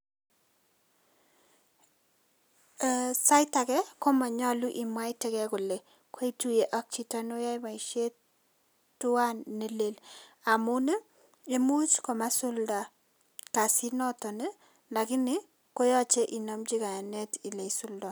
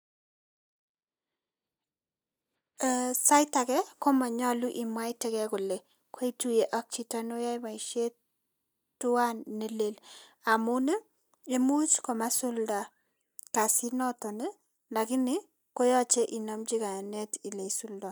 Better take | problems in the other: first | noise reduction (neural mask model DeepFilterNet 3)

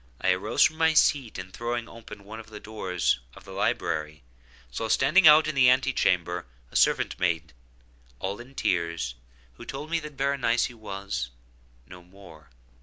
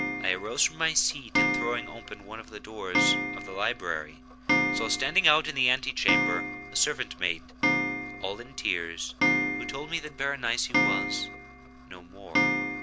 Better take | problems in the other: first | background sound (Clock); 1 dB above the speech

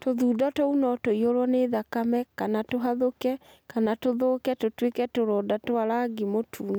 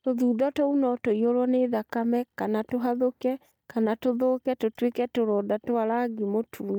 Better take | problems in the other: first | noise reduction (neural mask model DeepFilterNet 3)

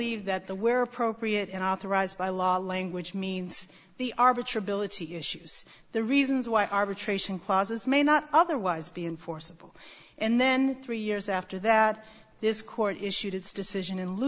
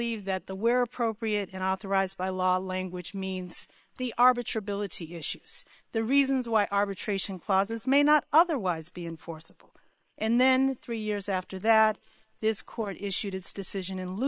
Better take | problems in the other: first | noise reduction (neural separator model SepFormer WHAM!)

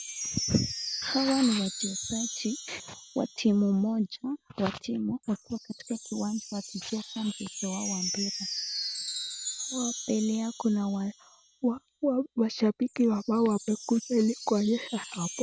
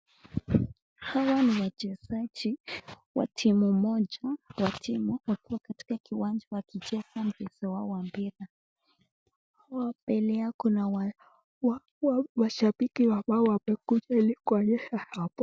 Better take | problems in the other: second | background sound (Wind chime); 9 dB below the speech

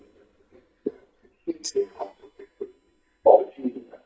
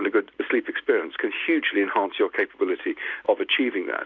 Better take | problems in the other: second | noise reduction (neural mask model DeepFilterNet 3)

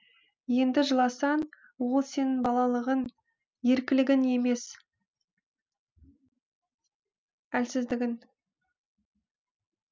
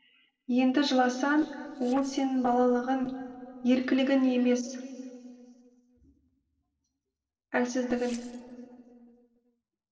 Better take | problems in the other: first | noise reduction (neural separator model SepFormer DNS4)

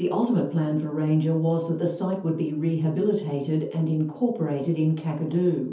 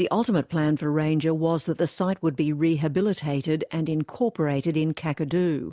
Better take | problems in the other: second | room echo; dies away in 0.5 s

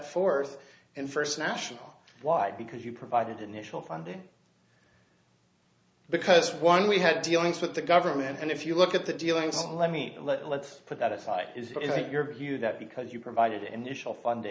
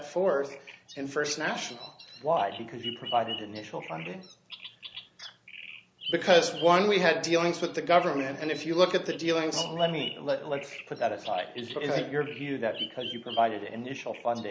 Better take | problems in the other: first | background sound (Bird vocalization, bird call, bird song); 15 dB below the speech

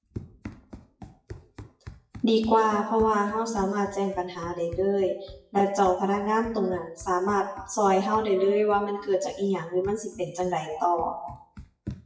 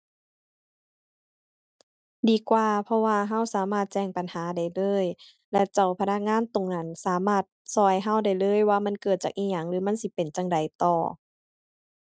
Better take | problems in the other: second | noise reduction (classical method WPE with log-MMSE)

